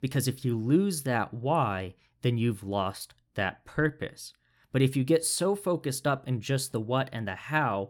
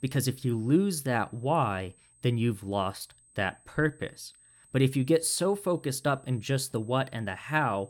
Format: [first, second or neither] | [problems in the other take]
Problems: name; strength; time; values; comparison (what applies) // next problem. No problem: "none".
first | high-pitched whine; faint; throughout; 8 kHz, 30 dB below the speech